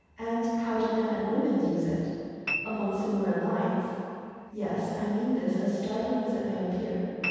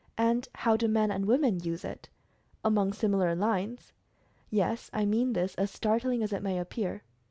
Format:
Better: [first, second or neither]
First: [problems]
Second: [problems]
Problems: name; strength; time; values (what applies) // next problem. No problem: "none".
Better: second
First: background sound (Piano); 13 dB below the speech // room echo; dies away in 2.1 s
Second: none